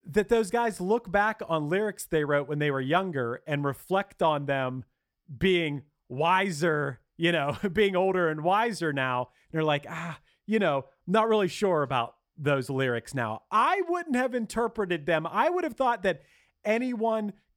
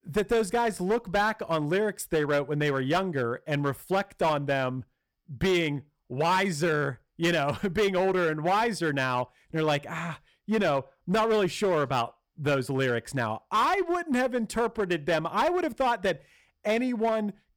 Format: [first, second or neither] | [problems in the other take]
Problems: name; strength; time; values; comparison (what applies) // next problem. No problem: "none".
first | distortion; slight; 9% of the sound clipped